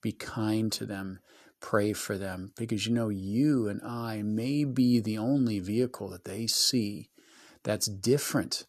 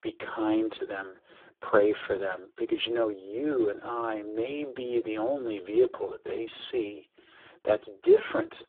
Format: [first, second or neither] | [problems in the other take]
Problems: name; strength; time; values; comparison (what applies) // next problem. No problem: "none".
first | phone-call audio; poor line; nothing above 3.5 kHz